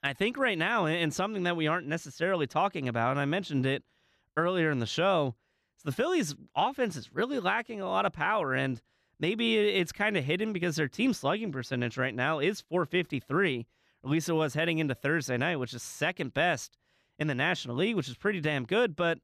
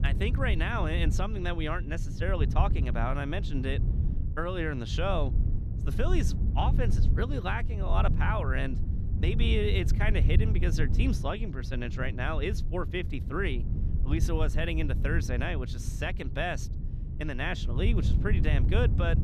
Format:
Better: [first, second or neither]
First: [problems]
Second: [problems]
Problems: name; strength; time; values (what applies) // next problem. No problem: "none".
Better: first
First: none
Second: wind noise on the microphone; occasional gusts; 10 dB below the speech